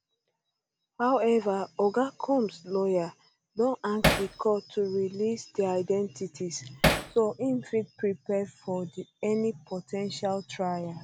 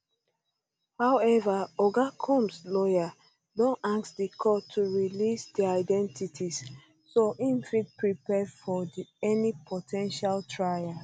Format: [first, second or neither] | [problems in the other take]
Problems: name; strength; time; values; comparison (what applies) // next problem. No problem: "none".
second | background sound (Hammer); 3 dB above the speech